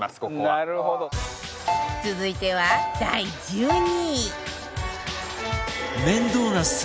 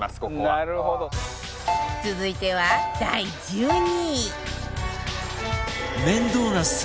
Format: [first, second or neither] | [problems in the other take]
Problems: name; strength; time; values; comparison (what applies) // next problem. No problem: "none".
first | background sound (Bass guitar); 13 dB below the speech